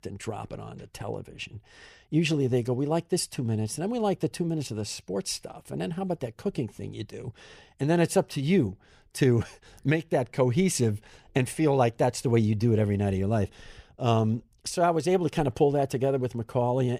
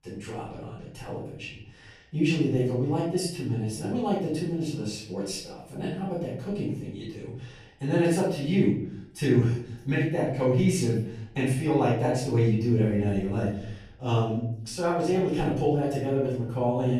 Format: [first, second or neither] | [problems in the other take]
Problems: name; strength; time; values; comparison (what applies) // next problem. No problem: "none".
first | off-mic speech; far // room echo; noticeable; dies away in 0.6 s